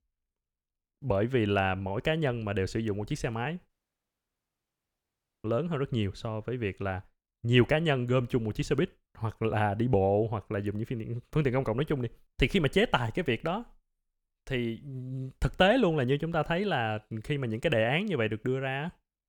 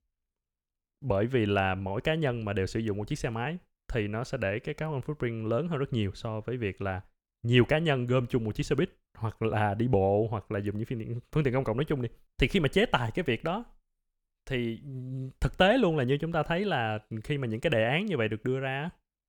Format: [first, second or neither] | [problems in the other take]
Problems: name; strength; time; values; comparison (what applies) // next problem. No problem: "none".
second | audio cutting out; at 3.5 s for 2 s